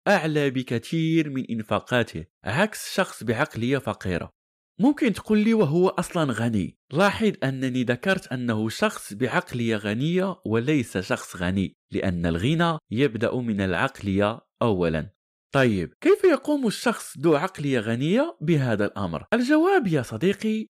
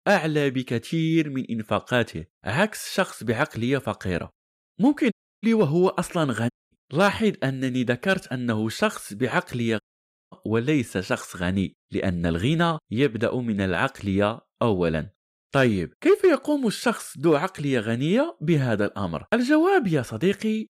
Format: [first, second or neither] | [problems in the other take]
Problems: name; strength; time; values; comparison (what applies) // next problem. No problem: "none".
first | audio cutting out; at 5 s, at 6.5 s and at 10 s for 0.5 s